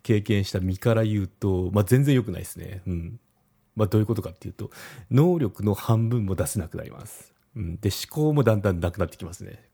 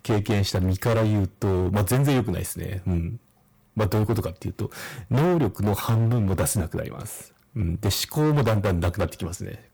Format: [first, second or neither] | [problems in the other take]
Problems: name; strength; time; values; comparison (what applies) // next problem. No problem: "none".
first | distortion; heavy; 16% of the sound clipped